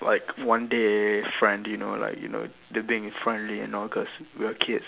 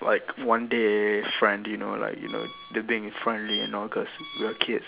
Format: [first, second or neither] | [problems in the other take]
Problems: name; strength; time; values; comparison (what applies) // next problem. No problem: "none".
first | background sound (Squeak); 12 dB below the speech